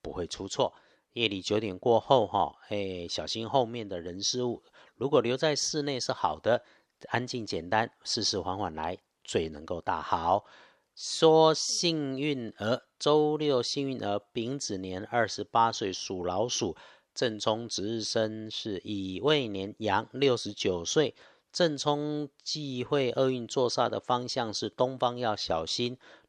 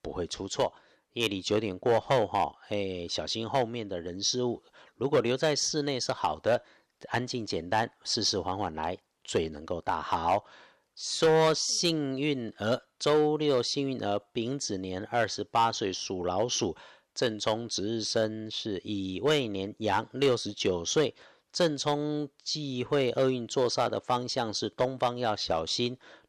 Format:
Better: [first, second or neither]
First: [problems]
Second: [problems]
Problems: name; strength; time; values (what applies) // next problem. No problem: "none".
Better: first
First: none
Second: distortion; slight; 1.7% of the sound clipped